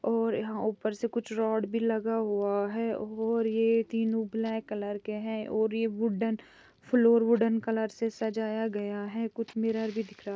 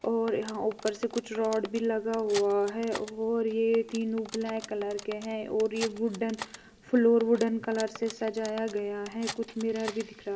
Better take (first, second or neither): first